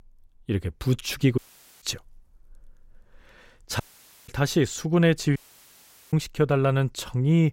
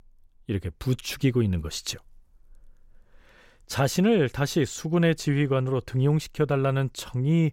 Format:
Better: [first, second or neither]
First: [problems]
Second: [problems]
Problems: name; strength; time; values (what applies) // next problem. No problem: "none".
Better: second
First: audio cutting out; at 1.5 s, at 4 s and at 5.5 s for 1 s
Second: none